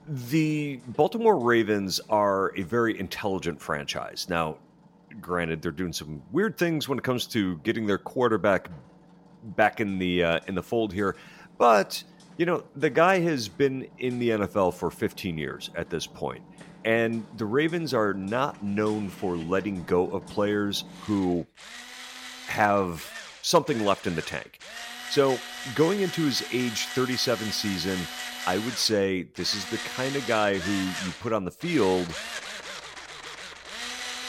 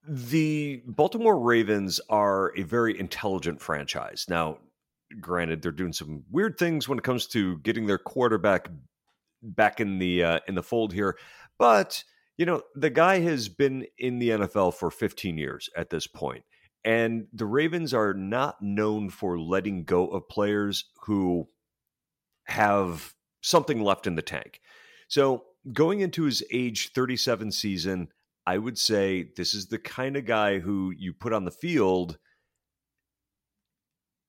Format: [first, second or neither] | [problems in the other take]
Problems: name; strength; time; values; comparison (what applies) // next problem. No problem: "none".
second | machinery noise; noticeable; throughout; 10 dB below the speech